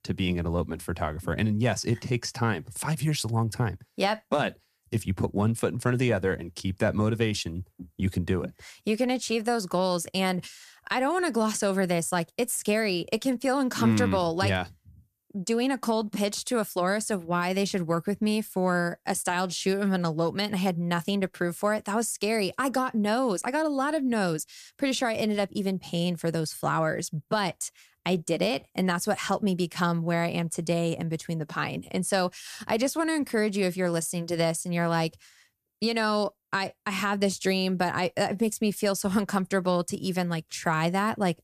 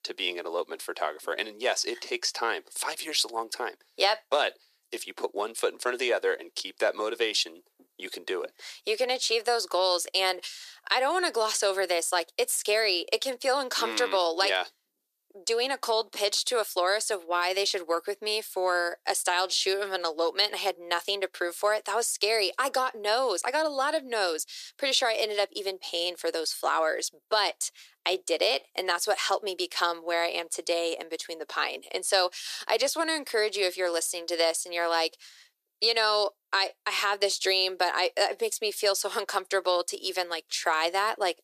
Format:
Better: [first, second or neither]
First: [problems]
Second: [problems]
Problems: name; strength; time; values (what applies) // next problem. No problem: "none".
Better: first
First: none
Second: thin; very; fading below 350 Hz